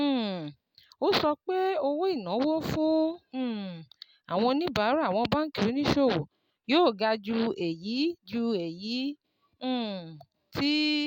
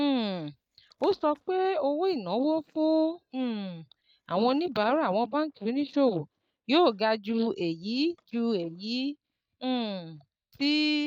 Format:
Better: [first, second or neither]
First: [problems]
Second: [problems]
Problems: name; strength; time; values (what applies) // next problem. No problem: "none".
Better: first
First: none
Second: noise reduction (neural mask model DeepFilterNet 3)